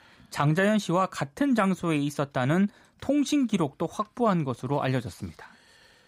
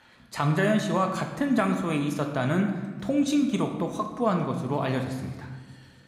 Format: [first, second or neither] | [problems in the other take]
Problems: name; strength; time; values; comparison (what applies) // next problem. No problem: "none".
first | room echo; slight; dies away in 1.1 s